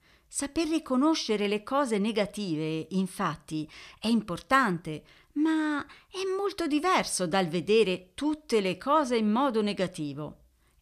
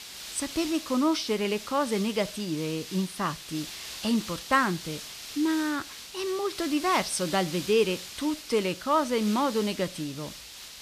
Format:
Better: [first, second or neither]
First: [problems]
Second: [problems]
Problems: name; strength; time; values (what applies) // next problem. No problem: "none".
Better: first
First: none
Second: hiss; noticeable; throughout; 10 dB below the speech